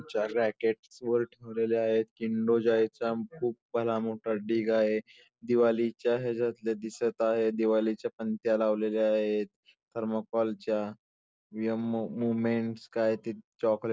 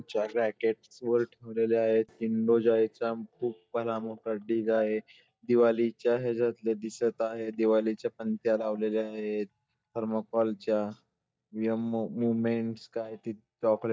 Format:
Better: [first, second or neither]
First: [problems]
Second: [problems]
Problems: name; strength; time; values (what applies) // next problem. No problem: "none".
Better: first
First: none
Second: noise reduction (neural mask model DeepFilterNet 3)